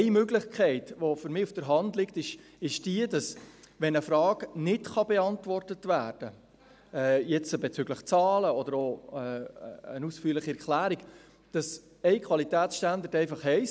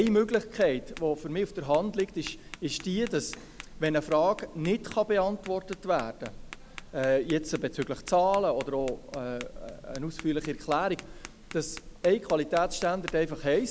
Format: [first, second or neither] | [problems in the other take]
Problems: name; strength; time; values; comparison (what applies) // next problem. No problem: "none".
first | background sound (Tap); 15 dB below the speech